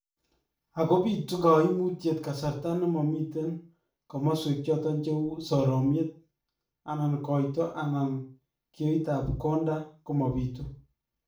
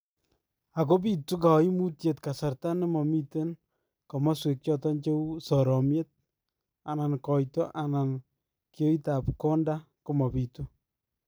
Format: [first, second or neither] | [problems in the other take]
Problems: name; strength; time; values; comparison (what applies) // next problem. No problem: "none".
second | room echo; dies away in 0.4 s